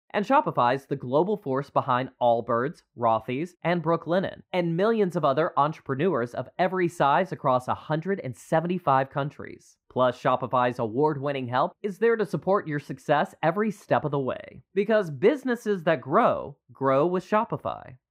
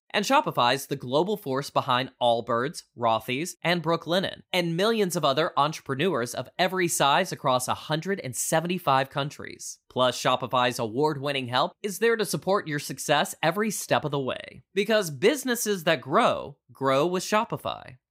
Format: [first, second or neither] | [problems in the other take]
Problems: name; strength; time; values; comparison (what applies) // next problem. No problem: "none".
second | muffled; very; fading above 3 kHz